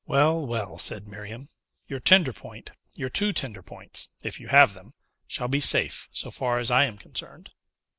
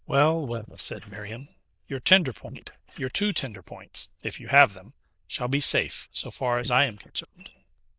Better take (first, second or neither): first